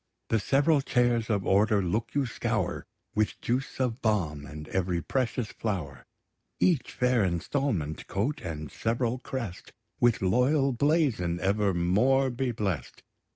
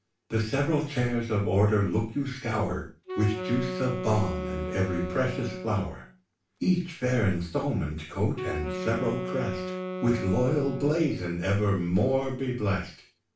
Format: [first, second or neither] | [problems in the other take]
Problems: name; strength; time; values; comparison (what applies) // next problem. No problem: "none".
first | background sound (Wind instrument, woodwind instrument); 7 dB below the speech // room echo; dies away in 0.3 s